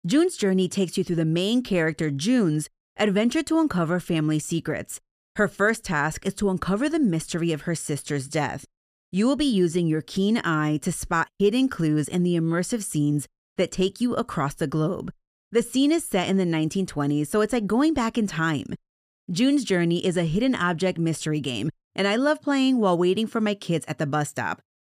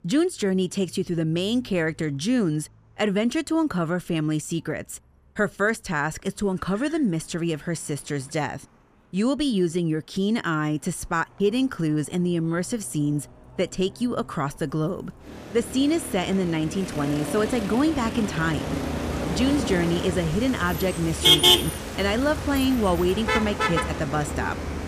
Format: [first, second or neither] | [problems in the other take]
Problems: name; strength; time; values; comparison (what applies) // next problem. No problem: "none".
first | traffic noise; very loud; throughout; as loud as the speech